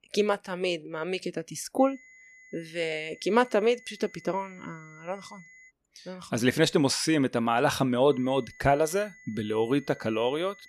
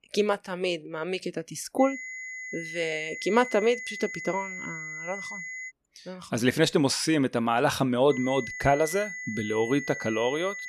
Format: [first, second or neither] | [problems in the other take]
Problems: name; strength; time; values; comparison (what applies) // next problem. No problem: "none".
first | high-pitched whine; loud; from 2 to 5.5 s and from 8 s on; 2 kHz, 9 dB below the speech; faint in the first